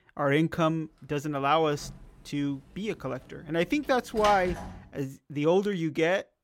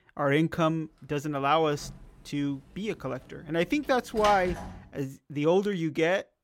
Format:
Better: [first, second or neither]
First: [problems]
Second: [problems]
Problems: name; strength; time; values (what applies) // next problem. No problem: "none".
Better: neither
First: door banging; noticeable; from 2 to 5 s; peak 6 dB below the speech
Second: door banging; noticeable; from 2 to 5 s; peak 6 dB below the speech